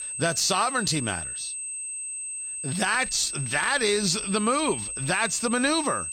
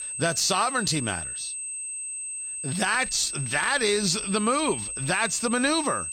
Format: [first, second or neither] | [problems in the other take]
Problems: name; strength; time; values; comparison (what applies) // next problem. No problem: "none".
neither | high-pitched whine; loud; throughout; 8 kHz, 6 dB below the speech; the same in both